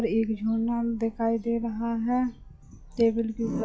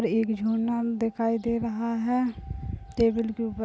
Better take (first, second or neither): second